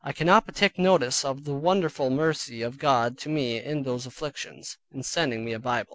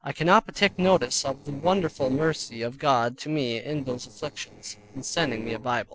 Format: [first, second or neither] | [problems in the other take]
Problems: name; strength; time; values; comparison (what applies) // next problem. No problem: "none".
first | noise reduction (neural separator model SepFormer DNS4)